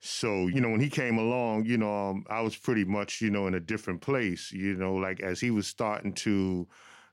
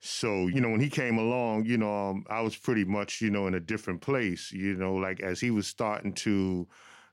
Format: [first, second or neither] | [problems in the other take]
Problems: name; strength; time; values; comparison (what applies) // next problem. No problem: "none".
neither | none